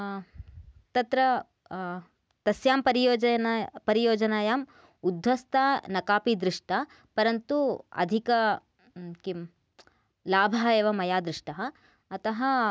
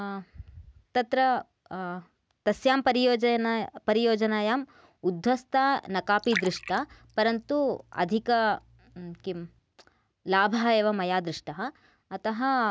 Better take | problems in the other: first | background sound (Liquid); 15 dB below the speech

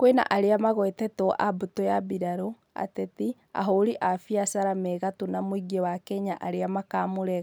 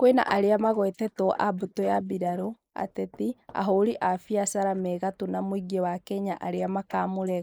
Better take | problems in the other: first | noise reduction (neural mask model Resemble Enhance denoiser)

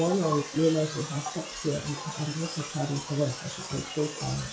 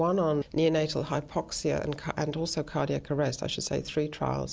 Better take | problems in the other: second | noise reduction (classical method log-MMSE)

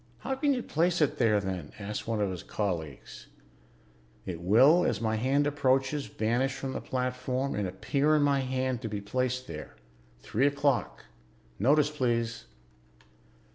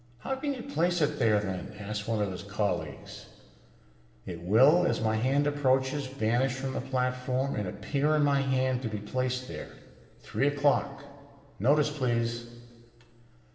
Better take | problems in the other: first | room echo; dies away in 1.7 s

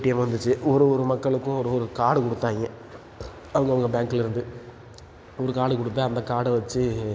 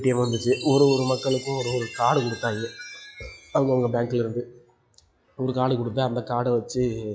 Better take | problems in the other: first | noise reduction (classical method log-MMSE)

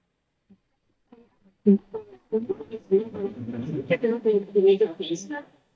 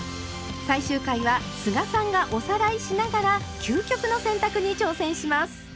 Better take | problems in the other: second | noise reduction (neural mask model DeepFilterNet 3)

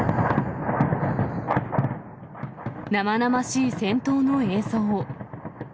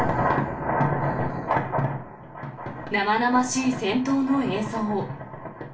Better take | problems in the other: first | room echo; dies away in 0.3 s

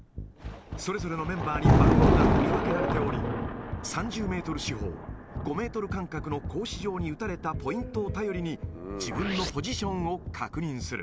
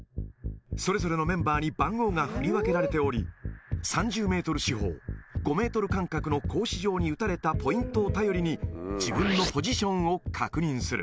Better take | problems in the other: second | background sound (Thunder); 3 dB above the speech

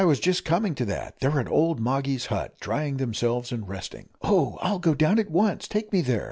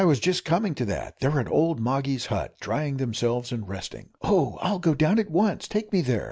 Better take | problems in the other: first | noise reduction (neural mask model Resemble Enhance denoiser)

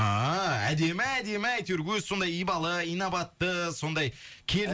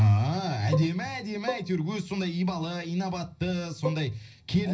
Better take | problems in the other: first | background sound (Bowed string instrument); 10 dB below the speech // room echo; dies away in 0.5 s

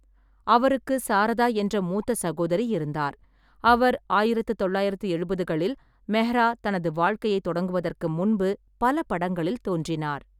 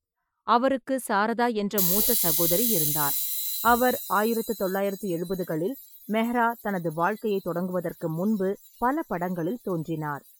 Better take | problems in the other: first | noise reduction (classical method Wiener filter)

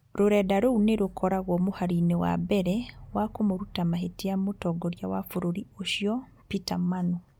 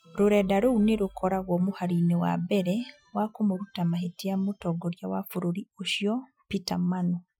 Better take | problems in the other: first | noise reduction (classical method Wiener filter)

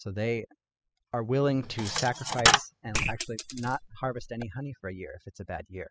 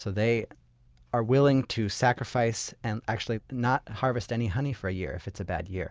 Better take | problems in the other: second | noise reduction (classical method spectral subtraction)

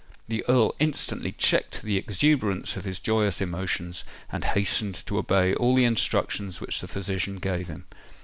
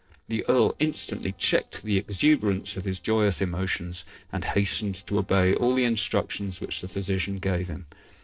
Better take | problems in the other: first | noise reduction (neural separator model SepFormer DNS4)

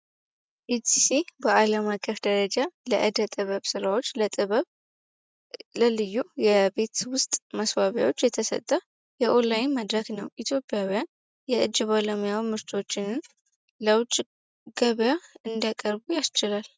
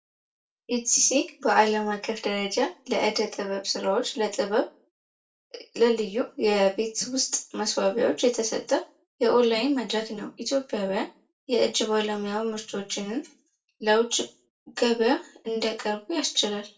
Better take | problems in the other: first | room echo; dies away in 0.2 s

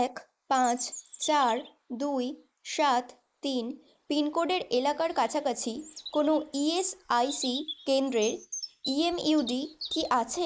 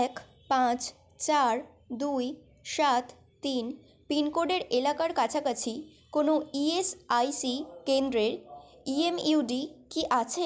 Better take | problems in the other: second | noise reduction (neural mask model Resemble Enhance denoiser)

